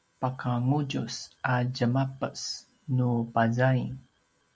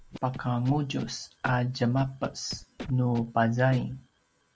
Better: first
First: none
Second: background sound (Scratching (performance technique)); 17 dB below the speech

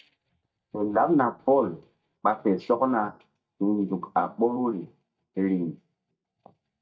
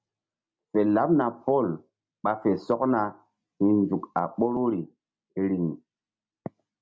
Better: second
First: noise reduction (neural mask model DeepFilterNet 3)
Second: none

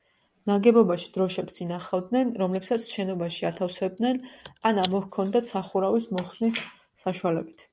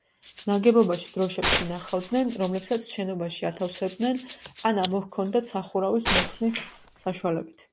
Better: first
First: none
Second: background sound (Rattle (instrument) + Tearing); 6 dB below the speech

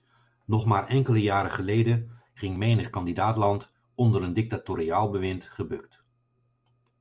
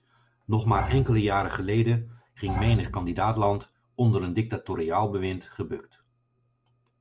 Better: first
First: none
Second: background sound (Bowed string instrument); 6 dB below the speech

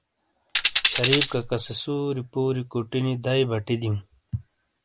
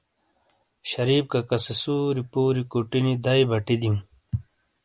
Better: second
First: background sound (Tambourine); 1 dB above the speech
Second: none

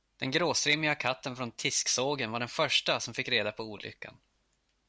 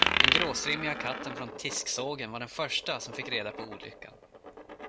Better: first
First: none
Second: background sound (Coin (dropping)); 3 dB above the speech

